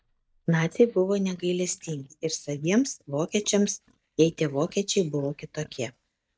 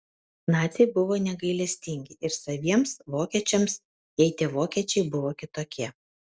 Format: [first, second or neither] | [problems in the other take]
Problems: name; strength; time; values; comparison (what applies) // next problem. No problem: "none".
second | noise reduction (neural mask model DeepFilterNet 3)